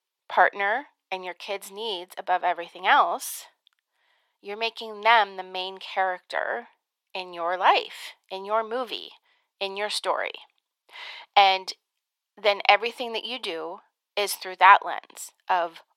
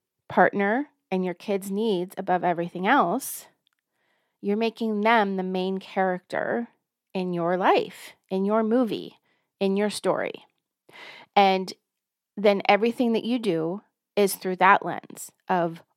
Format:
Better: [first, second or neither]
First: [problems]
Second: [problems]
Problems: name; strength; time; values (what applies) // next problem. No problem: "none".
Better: second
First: thin; very; fading below 700 Hz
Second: none